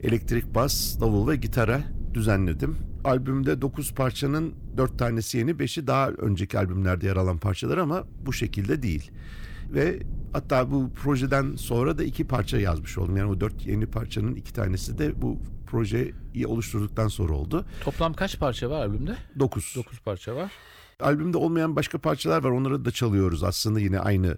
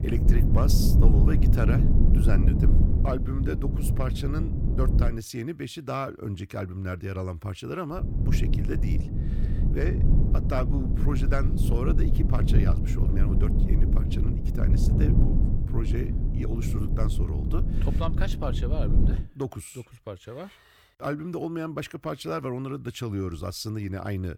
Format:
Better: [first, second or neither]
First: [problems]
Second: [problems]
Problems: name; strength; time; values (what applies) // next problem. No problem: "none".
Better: first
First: low rumble; faint; until 5 s and from 8 to 19 s; 25 dB below the speech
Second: low rumble; loud; until 5 s and from 8 to 19 s; 2 dB below the speech